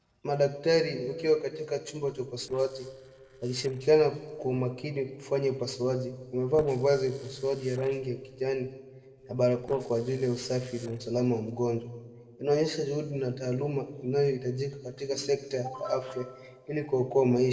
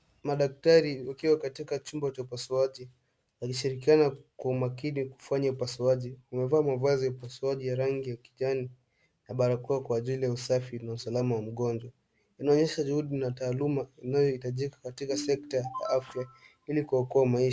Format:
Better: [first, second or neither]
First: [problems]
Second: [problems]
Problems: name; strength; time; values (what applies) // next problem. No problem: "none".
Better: second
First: noise reduction (neural separator model SepFormer DNS4)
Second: none